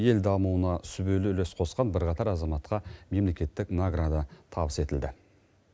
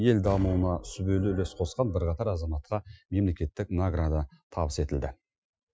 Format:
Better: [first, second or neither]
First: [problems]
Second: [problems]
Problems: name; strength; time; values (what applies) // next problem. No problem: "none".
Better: first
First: none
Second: noise reduction (classical method Wiener filter)